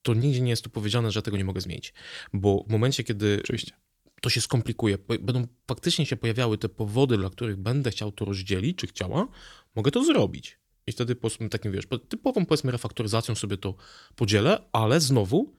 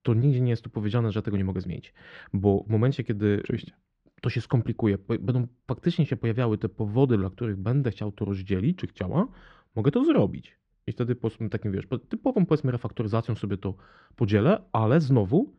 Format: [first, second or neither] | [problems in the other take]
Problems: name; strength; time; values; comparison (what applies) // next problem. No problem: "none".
first | muffled; very; fading above 2 kHz